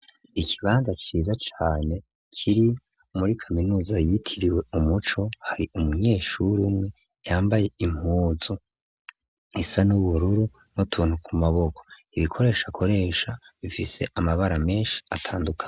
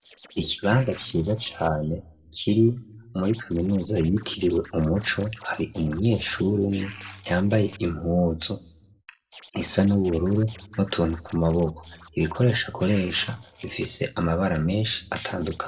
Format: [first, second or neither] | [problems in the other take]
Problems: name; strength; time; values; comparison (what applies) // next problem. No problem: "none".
first | noise reduction (neural separator model SepFormer DNS4)